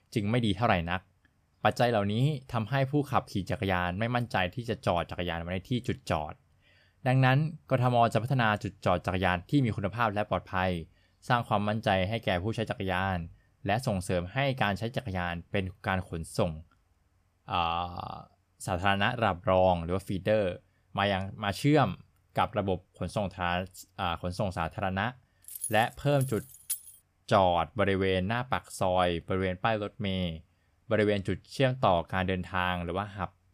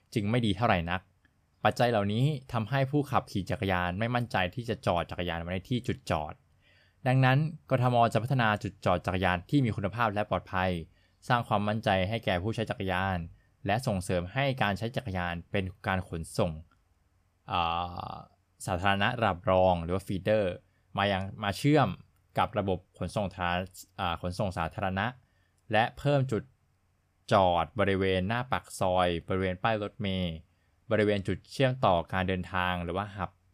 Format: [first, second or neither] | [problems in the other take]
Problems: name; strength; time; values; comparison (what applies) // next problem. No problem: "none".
second | jangling keys; noticeable; from 25 to 27 s; peak 6 dB below the speech